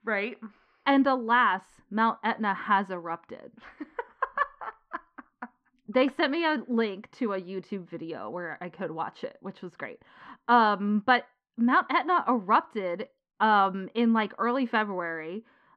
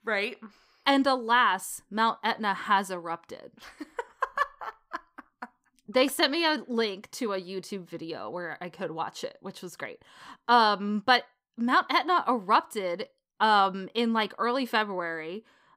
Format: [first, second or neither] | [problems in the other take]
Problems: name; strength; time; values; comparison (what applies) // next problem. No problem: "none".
second | muffled; slightly; fading above 2 kHz